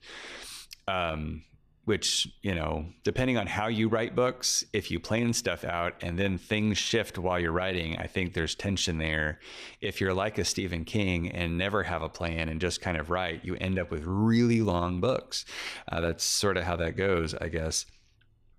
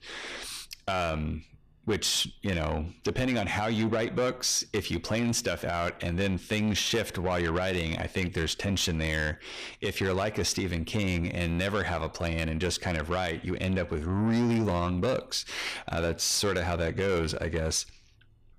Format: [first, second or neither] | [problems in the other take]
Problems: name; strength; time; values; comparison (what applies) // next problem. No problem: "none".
first | distortion; slight; 10 dB below the speech